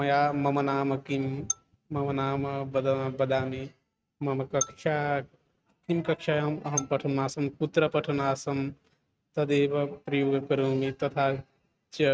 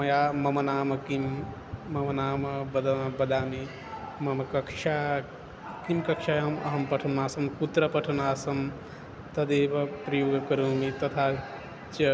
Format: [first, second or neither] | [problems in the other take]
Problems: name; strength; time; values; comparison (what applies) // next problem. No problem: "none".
second | noise reduction (neural mask model RNNoise)